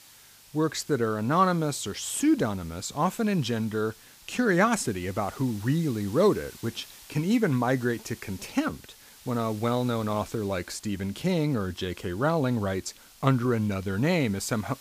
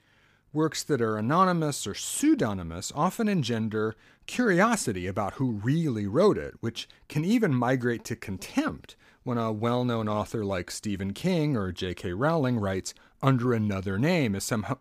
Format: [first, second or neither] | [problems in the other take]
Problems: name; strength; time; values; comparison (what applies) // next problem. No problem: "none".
second | hiss; faint; throughout; 20 dB below the speech